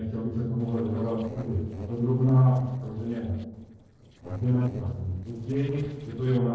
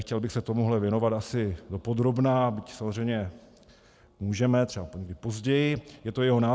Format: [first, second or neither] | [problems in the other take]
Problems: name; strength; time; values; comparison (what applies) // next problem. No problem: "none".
second | noise reduction (neural separator model SepFormer DNS4)